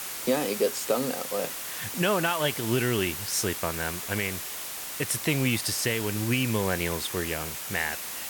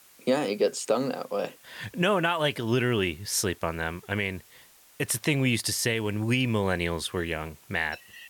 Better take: second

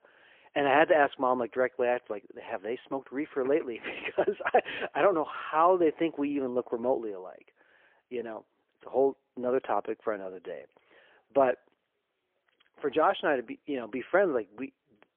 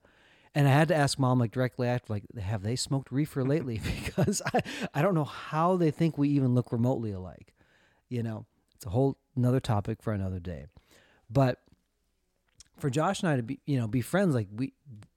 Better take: second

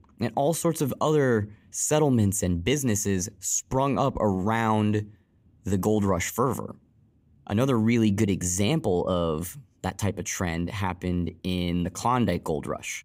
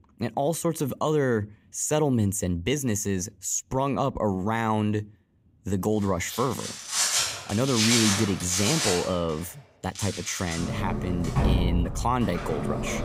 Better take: first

